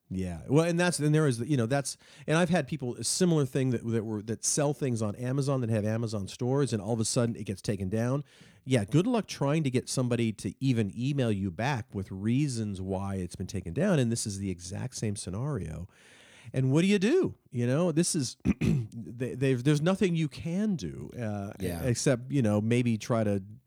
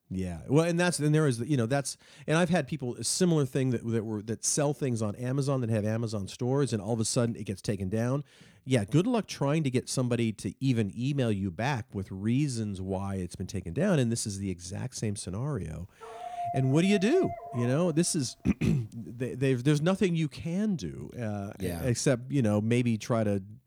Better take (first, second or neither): first